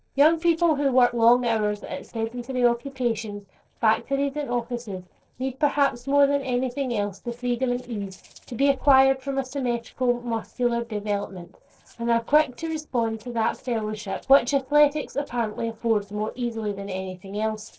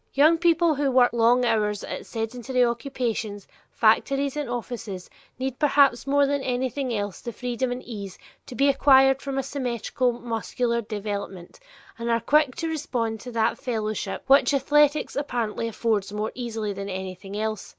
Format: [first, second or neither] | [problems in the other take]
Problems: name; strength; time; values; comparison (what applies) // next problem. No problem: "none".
second | noise reduction (neural separator model SepFormer DNS4)